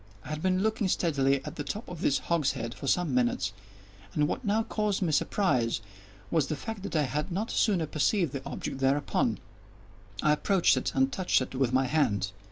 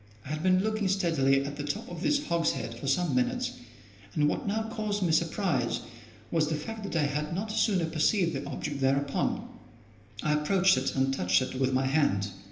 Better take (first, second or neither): first